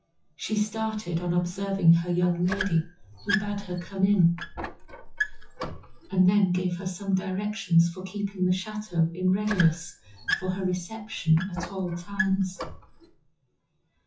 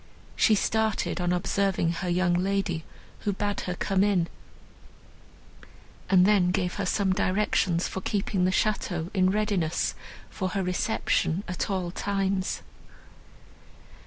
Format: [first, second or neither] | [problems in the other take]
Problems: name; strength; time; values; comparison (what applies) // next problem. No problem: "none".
second | noise reduction (classical method WPE with log-MMSE)